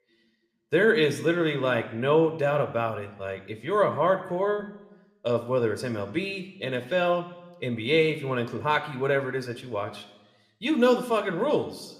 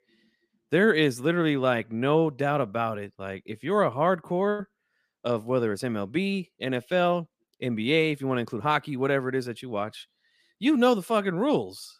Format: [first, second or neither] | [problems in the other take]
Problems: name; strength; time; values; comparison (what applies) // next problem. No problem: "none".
second | room echo; very slight; dies away in 0.8 s